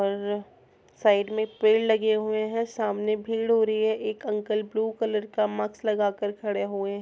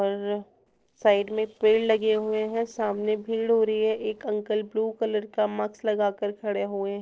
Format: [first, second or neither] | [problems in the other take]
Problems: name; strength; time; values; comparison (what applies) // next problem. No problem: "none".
first | noise reduction (neural separator model SepFormer DNS4)